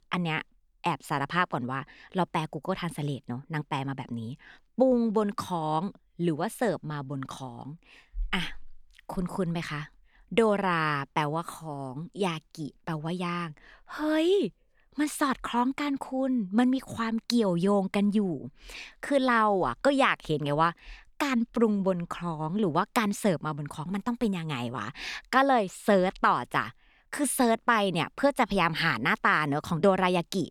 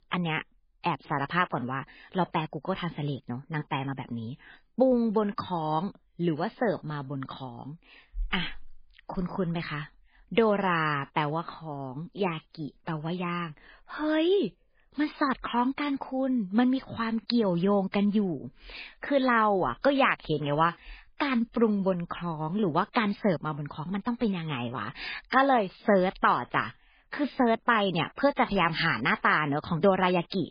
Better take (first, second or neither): first